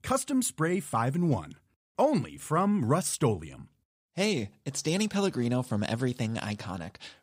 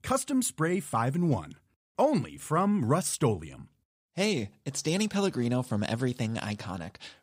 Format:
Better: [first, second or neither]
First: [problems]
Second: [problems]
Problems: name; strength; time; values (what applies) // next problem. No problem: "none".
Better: neither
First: none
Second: none